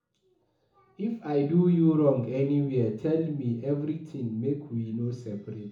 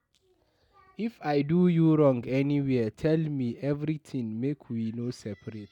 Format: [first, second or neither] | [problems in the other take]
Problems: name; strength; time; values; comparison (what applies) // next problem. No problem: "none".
second | room echo; dies away in 0.7 s